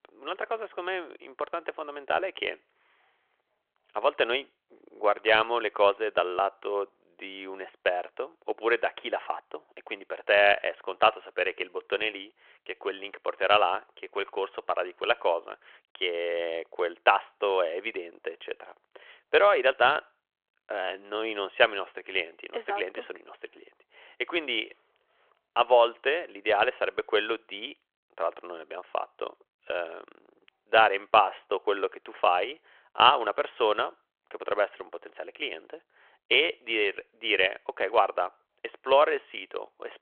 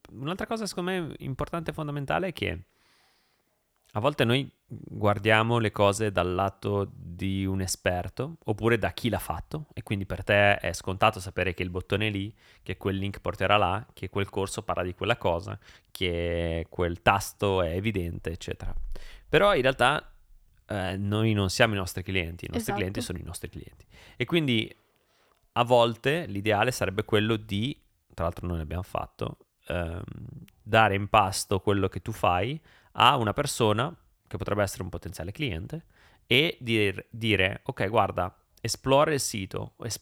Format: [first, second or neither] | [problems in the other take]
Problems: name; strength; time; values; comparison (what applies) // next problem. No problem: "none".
second | phone-call audio